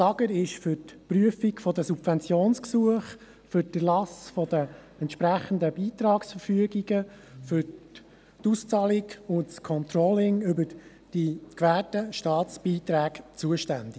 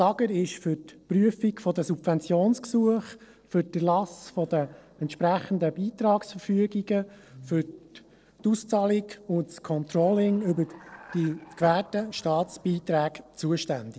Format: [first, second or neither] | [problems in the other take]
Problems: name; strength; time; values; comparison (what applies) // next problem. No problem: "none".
first | noise reduction (neural separator model SepFormer DNS4)